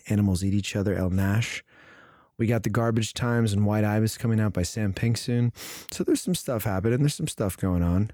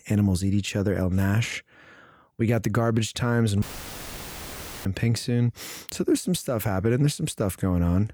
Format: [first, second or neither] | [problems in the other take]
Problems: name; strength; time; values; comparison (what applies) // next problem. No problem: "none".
first | audio cutting out; filled with static; at 3.5 s for 1 s